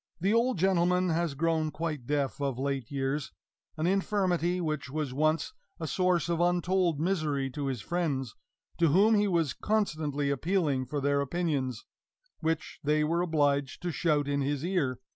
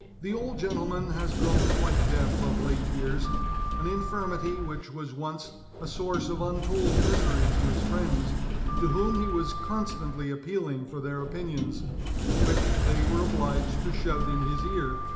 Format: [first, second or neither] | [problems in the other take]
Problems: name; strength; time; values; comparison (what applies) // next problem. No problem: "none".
first | background sound (Sliding door); 4 dB above the speech // room echo; dies away in 0.8 s